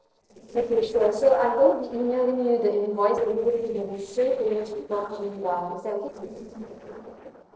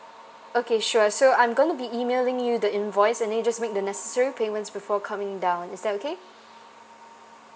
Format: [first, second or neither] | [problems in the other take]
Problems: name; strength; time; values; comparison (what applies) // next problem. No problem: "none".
second | noise reduction (neural separator model SepFormer DNS4)